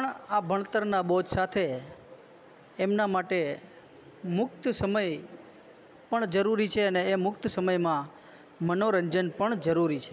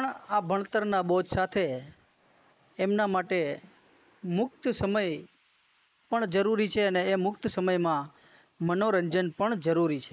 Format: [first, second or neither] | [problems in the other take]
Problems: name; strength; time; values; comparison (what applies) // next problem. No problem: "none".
first | noise reduction (neural mask model Resemble Enhance denoiser)